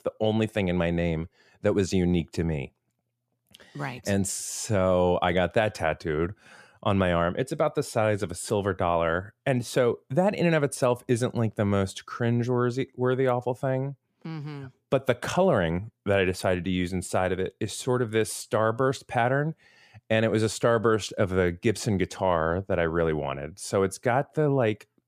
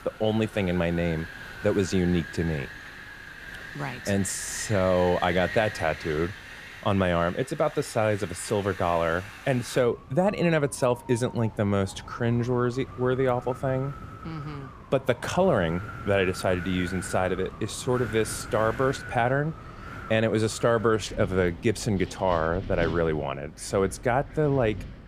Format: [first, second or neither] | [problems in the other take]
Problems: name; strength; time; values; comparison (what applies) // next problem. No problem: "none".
first | wind in the background; noticeable; throughout; 15 dB below the speech